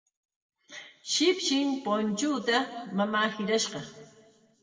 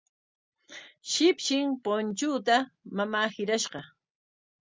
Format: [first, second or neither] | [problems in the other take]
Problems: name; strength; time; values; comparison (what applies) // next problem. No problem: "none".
second | room echo; dies away in 1.4 s